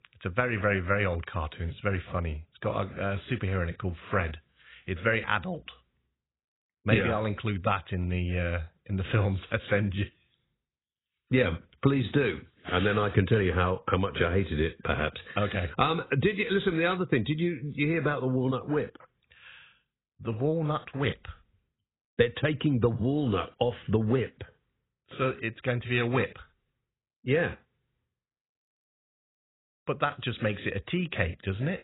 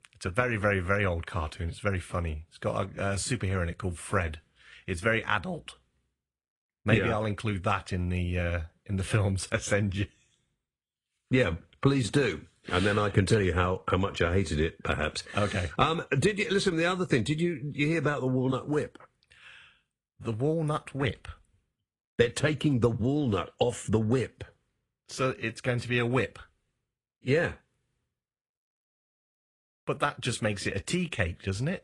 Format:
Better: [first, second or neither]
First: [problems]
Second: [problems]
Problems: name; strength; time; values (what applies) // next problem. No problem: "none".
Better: second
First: garbled, watery; badly; nothing above 4 kHz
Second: garbled, watery; slightly; nothing above 10 kHz